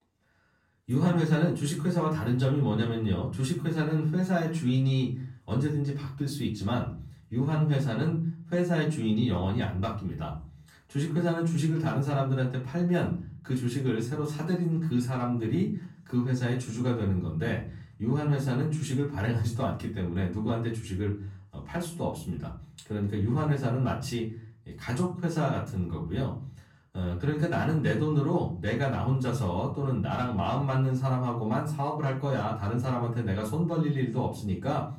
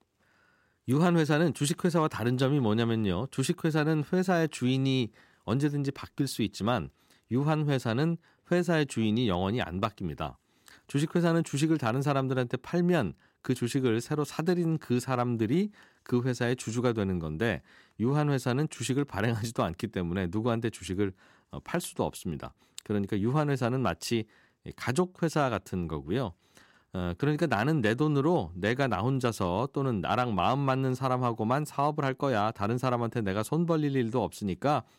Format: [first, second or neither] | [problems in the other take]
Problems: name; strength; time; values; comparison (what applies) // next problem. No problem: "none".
second | off-mic speech; far // room echo; slight; dies away in 0.6 s